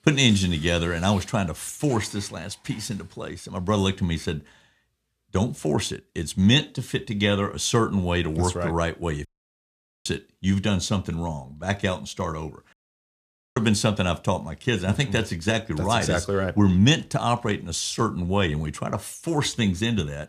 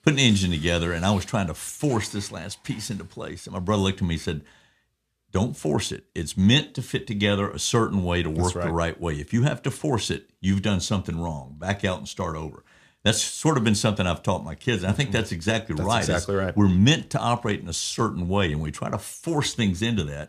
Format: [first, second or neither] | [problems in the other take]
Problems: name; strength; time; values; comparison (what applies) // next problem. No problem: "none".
second | audio cutting out; at 9.5 s for 1 s and at 13 s for 1 s